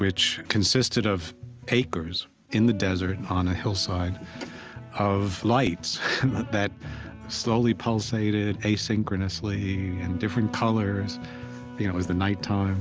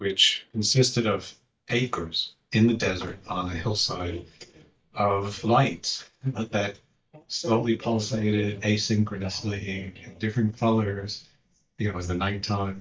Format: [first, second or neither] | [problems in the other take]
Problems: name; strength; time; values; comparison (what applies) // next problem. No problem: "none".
first | noise reduction (neural mask model DeepFilterNet 3)